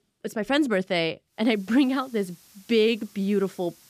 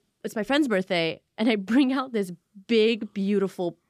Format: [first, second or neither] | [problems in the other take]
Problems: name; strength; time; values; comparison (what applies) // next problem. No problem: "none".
second | hiss; faint; from 1.5 s on; 25 dB below the speech